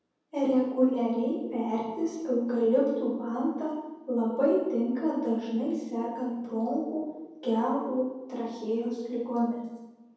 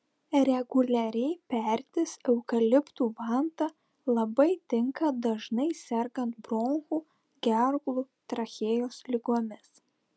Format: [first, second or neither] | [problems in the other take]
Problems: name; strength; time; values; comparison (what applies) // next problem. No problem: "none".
second | room echo; dies away in 1.1 s